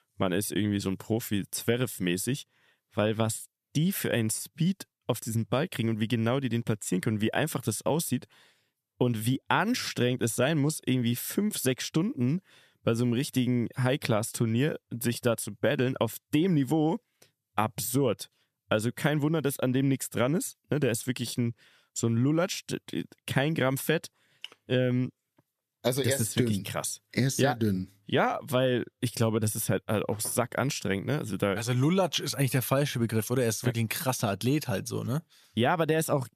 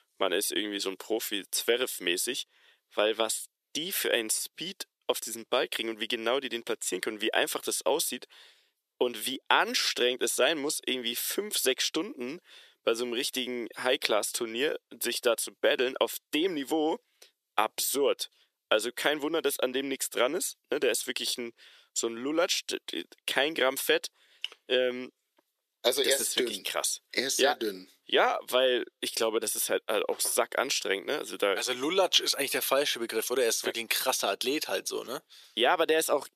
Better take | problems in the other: first | thin; very; fading below 400 Hz

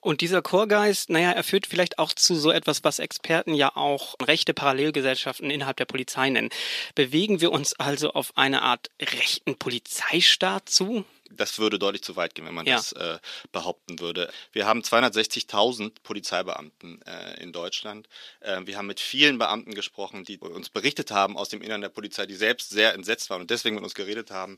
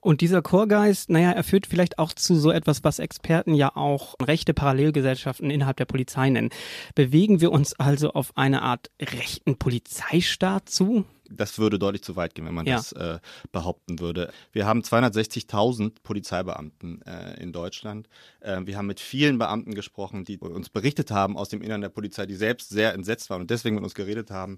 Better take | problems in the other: second | thin; somewhat; fading below 350 Hz

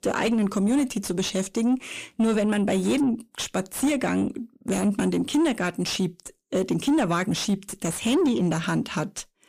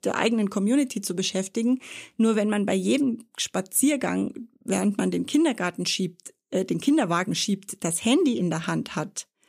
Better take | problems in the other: second | distortion; slight; 10 dB below the speech

